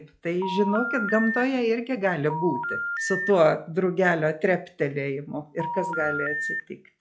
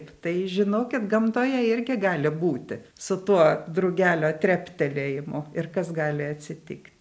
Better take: second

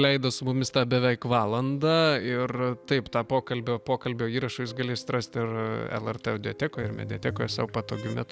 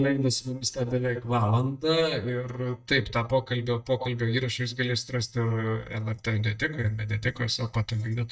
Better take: first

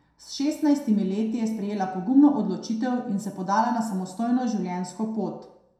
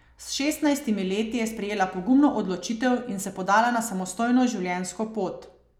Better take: second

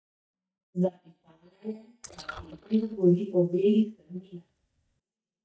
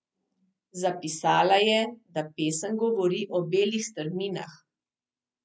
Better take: second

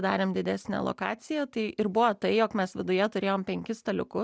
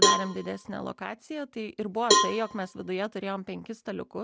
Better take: first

